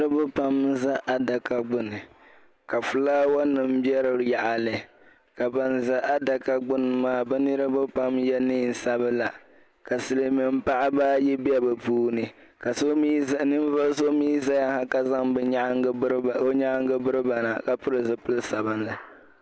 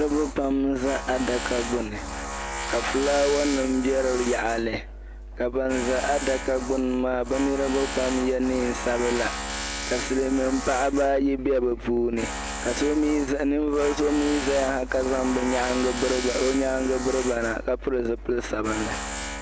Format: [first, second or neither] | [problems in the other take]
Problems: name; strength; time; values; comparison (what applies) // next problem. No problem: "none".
first | background sound (Tools); 8 dB below the speech